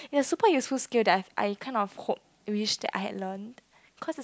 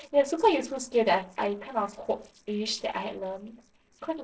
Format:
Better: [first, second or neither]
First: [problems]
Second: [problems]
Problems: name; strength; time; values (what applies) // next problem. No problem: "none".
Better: first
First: none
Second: noise reduction (neural separator model SepFormer DNS4)